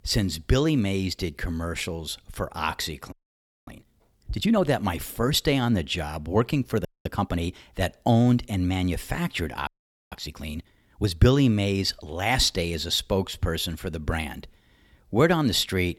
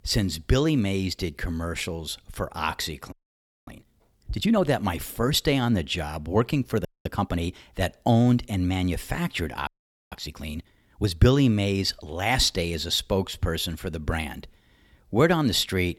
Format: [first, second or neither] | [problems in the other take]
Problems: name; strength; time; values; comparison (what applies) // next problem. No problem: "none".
neither | audio freezing; at 3 s for 0.5 s, at 7 s and at 9.5 s; the same in both